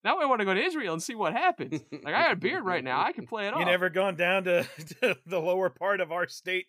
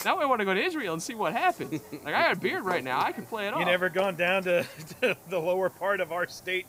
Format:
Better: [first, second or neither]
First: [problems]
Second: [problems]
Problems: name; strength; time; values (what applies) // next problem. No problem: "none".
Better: first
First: none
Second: hiss; noticeable; throughout; 20 dB below the speech